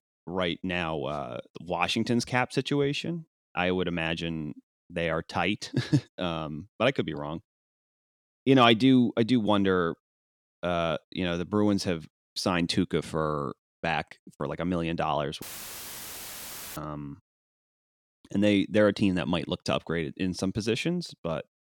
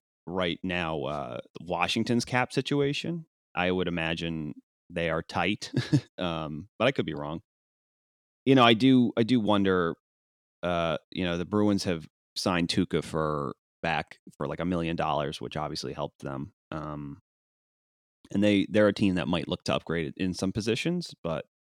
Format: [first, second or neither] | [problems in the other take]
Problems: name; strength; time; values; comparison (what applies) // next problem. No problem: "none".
second | audio cutting out; filled with static; at 15 s for 1.5 s